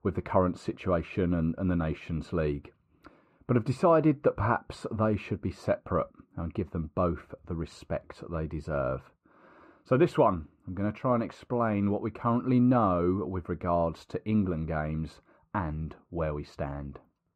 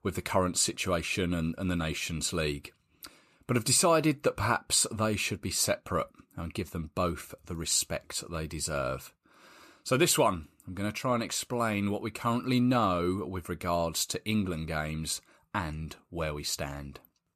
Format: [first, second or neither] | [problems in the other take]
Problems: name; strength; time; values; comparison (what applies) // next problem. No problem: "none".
second | muffled; very; fading above 3 kHz